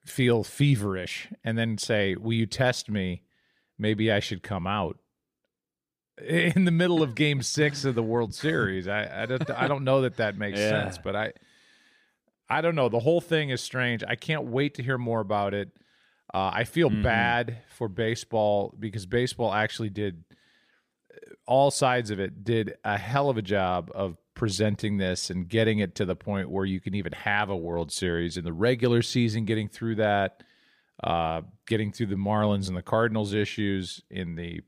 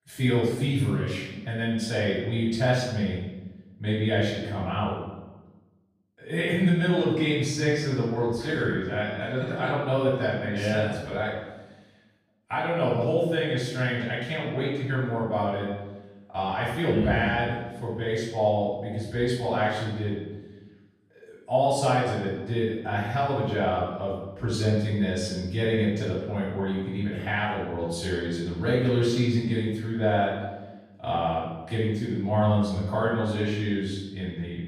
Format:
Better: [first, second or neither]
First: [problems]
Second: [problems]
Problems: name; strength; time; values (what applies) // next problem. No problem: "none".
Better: first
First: none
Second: room echo; noticeable; dies away in 1 s // off-mic speech; far